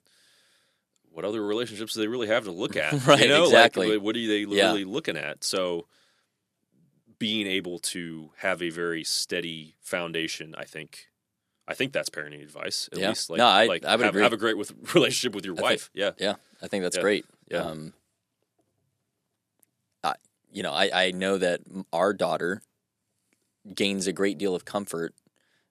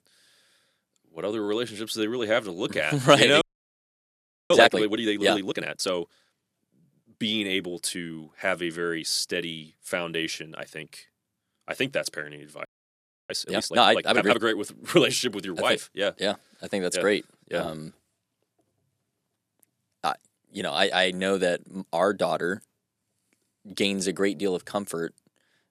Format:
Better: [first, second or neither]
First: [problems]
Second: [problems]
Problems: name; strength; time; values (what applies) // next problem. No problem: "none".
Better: first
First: none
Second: audio freezing; at 3.5 s for 1 s and at 13 s for 0.5 s